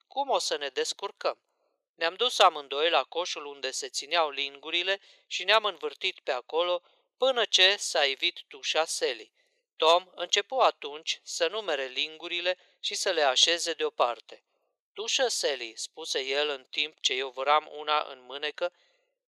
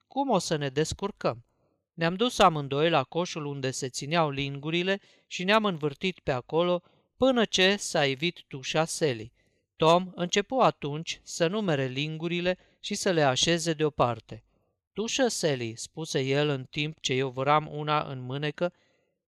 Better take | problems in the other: second | thin; very; fading below 450 Hz

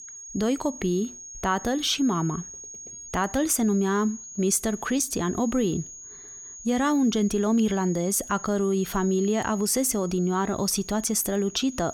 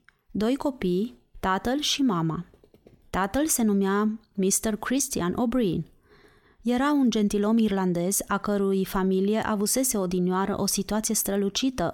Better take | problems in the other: second | high-pitched whine; noticeable; throughout; 6.5 kHz, 15 dB below the speech

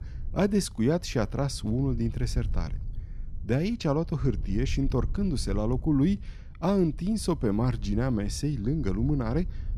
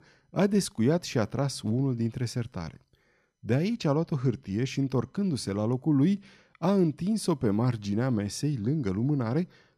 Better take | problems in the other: second | wind noise on the microphone; occasional gusts; 25 dB below the speech

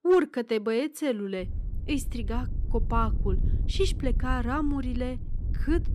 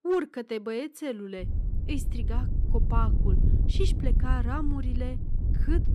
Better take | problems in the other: first | wind noise on the microphone; heavy; from 1.5 s on; 8 dB below the speech; occasional gusts in the first

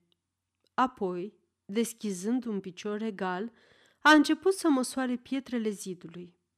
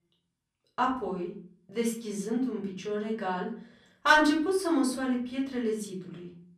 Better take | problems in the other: first | off-mic speech; far // room echo; slight; dies away in 0.5 s

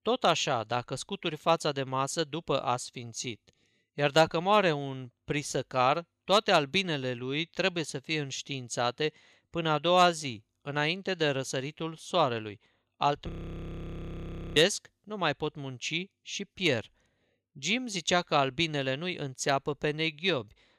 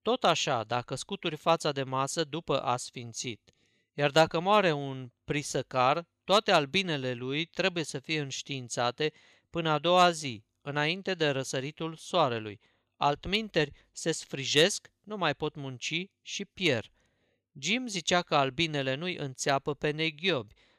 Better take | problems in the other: second | audio freezing; at 13 s for 1.5 s

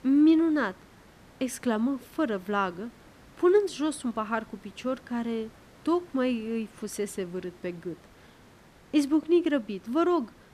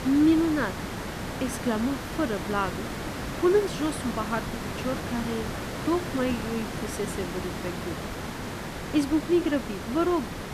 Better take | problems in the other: first | hiss; loud; throughout; 6 dB below the speech; faint in the first

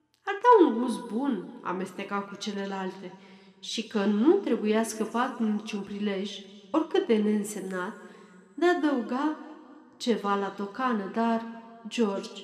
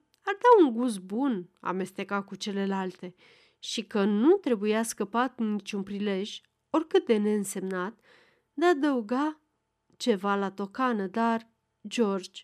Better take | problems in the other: second | room echo; slight; dies away in 1.7 s

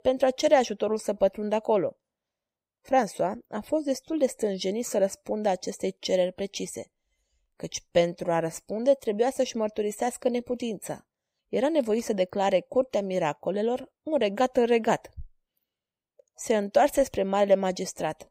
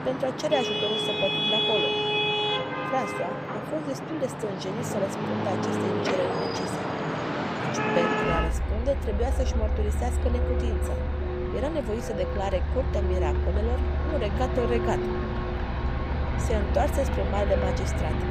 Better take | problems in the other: first | traffic noise; very loud; throughout; 4 dB above the speech

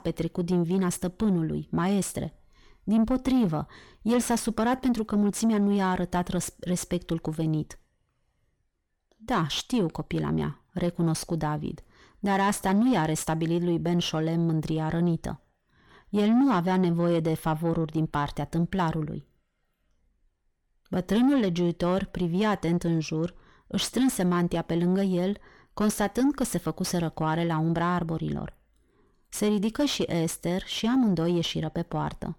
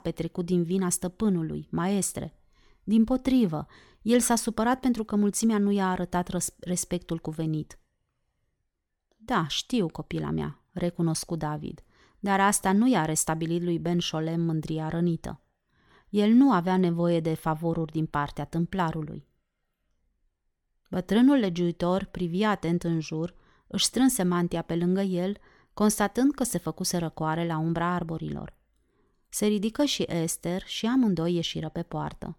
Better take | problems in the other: second | distortion; slight; 10 dB below the speech

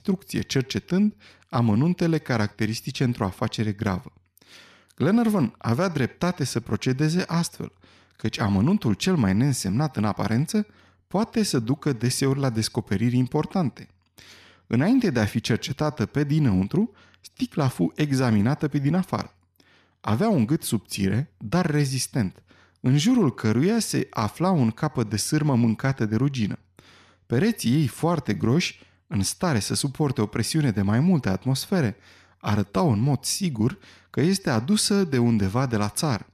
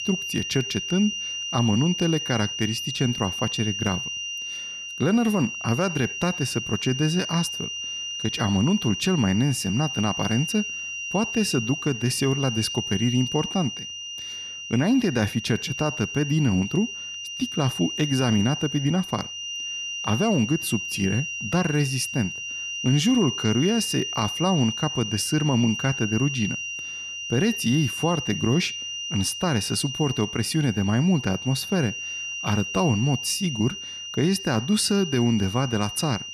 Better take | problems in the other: first | high-pitched whine; loud; throughout; 3 kHz, 5 dB below the speech

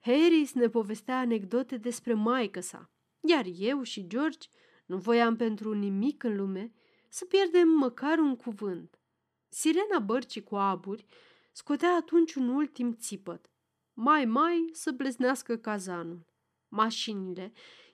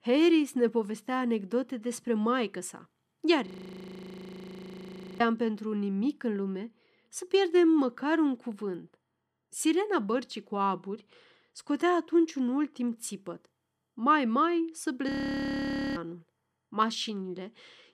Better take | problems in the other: first | audio freezing; at 3.5 s for 1.5 s and at 15 s for 1 s

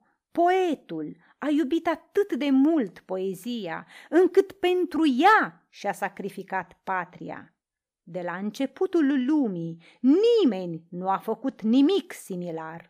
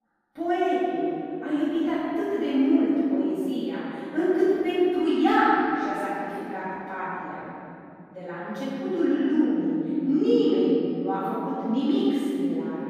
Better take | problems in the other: first | off-mic speech; far // room echo; strong; dies away in 3 s

